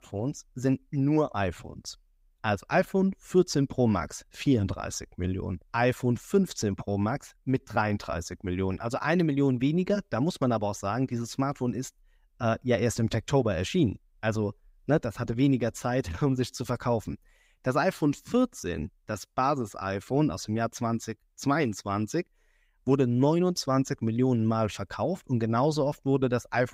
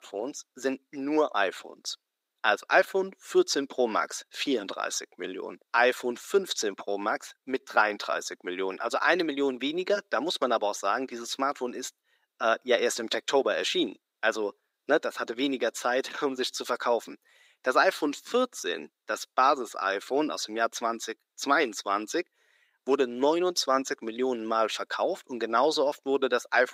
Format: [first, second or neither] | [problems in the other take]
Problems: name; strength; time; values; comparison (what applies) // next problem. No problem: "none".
first | thin; somewhat; fading below 350 Hz